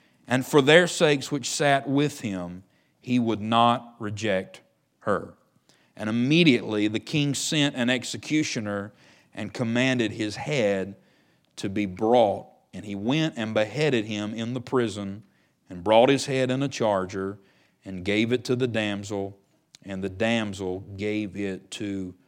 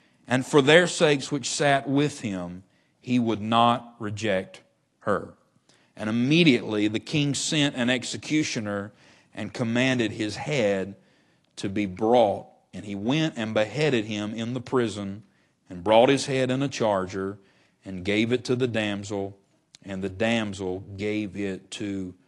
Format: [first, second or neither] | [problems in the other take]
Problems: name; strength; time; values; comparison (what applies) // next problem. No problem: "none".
first | garbled, watery; slightly